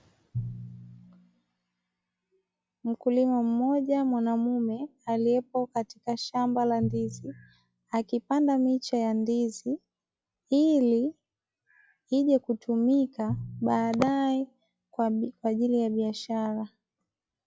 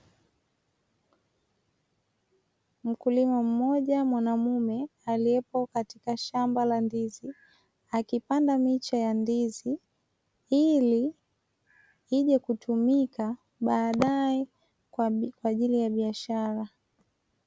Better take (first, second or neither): second